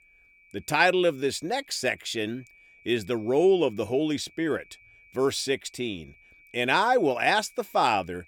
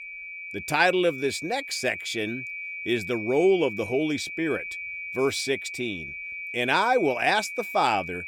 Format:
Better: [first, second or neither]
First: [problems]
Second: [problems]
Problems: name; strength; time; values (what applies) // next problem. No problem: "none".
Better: first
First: high-pitched whine; faint; throughout; 2.5 kHz, 30 dB below the speech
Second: high-pitched whine; loud; throughout; 2.5 kHz, 8 dB below the speech